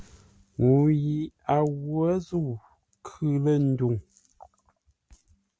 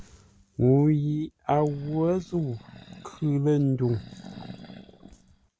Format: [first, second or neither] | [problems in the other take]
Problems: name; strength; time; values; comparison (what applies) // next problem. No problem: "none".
first | background sound (Animal); 19 dB below the speech